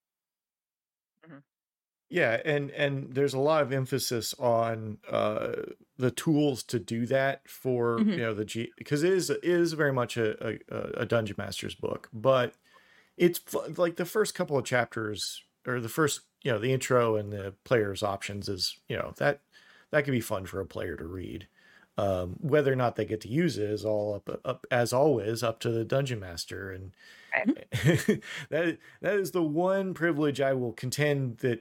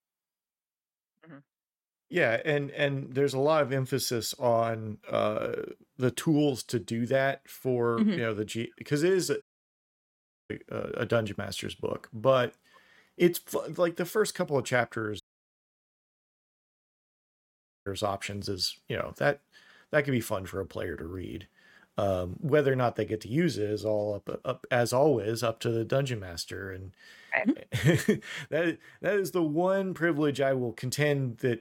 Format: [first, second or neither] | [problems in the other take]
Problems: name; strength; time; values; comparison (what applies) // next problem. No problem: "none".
first | audio cutting out; at 9.5 s for 1 s and at 15 s for 2.5 s